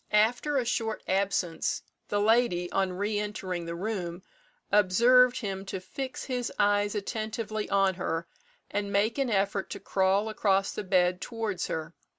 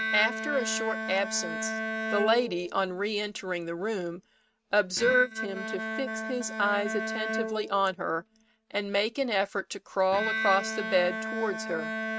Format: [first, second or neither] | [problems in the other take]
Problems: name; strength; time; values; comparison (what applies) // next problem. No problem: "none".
first | noise reduction (neural mask model RNNoise)